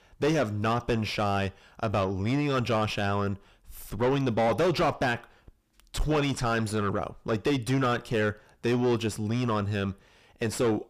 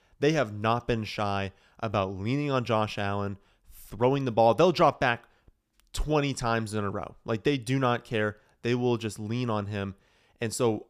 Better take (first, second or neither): second